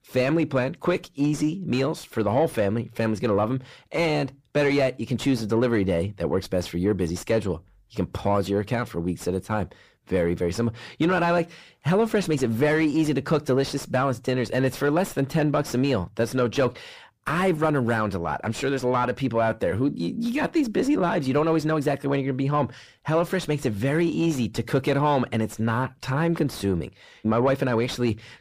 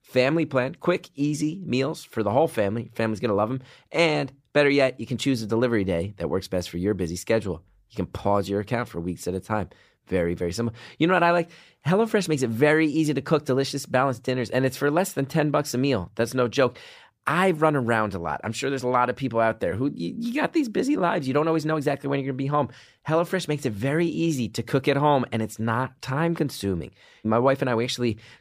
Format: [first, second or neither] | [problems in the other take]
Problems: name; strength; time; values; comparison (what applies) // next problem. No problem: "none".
second | distortion; slight; 10 dB below the speech